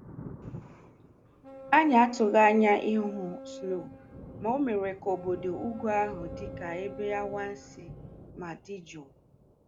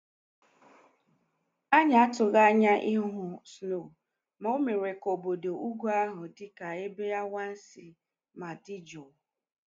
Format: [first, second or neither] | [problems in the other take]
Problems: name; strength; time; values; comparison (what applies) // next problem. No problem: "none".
second | background sound (Thunder + Boat, Water vehicle); 14 dB below the speech